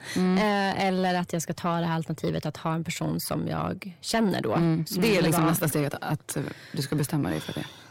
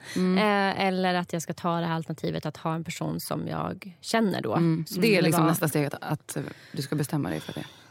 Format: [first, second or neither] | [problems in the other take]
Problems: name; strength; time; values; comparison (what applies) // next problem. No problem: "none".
second | distortion; slight; 10 dB below the speech